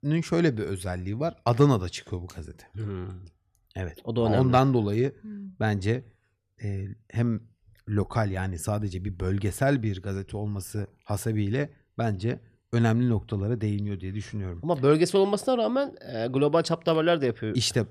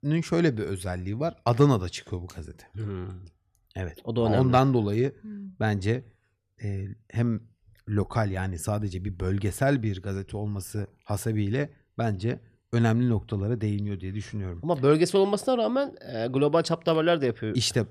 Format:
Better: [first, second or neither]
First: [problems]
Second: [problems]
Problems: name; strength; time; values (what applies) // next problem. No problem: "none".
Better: neither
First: none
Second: none